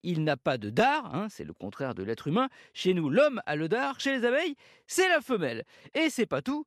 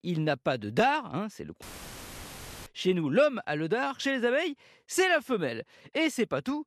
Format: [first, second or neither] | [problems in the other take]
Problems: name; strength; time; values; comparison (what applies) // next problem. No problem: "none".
first | audio cutting out; filled with static; at 1.5 s for 1 s